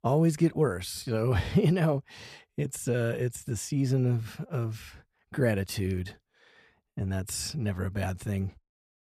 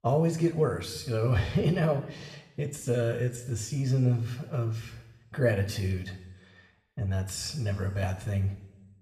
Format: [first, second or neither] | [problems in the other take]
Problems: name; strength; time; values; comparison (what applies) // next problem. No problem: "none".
first | room echo; slight; dies away in 0.9 s